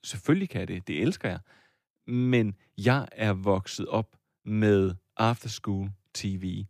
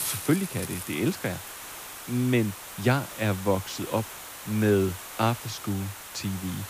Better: first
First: none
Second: hiss; loud; throughout; 9 dB below the speech

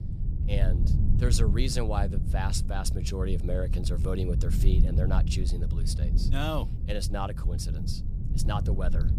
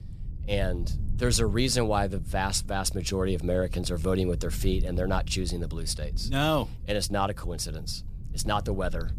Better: second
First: low rumble; loud; throughout; 7 dB below the speech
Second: low rumble; faint; throughout; 20 dB below the speech

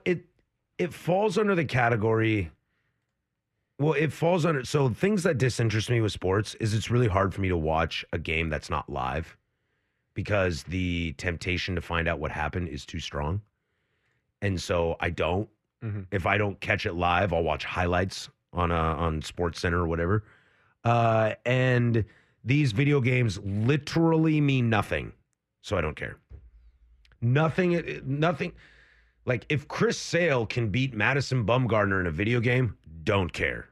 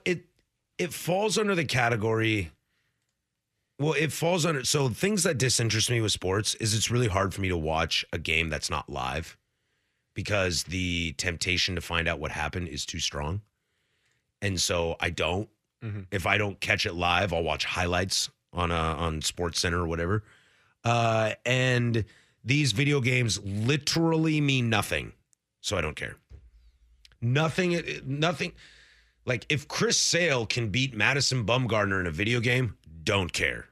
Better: second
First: muffled; slightly; fading above 3 kHz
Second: none

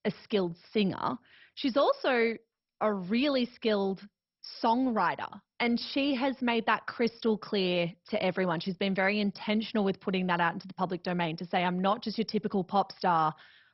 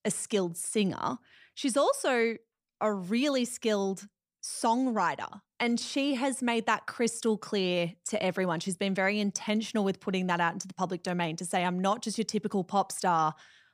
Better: second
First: garbled, watery; badly; nothing above 5.5 kHz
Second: none

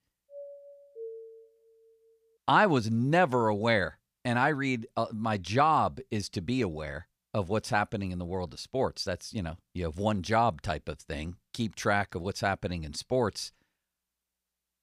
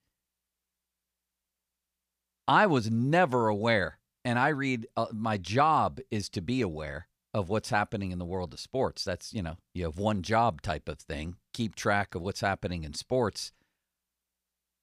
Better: second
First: doorbell; faint; until 1.5 s; peak 15 dB below the speech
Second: none

